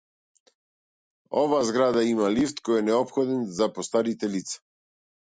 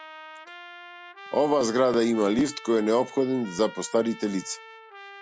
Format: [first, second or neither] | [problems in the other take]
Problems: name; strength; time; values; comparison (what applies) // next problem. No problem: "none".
first | background sound (Trumpet); 18 dB below the speech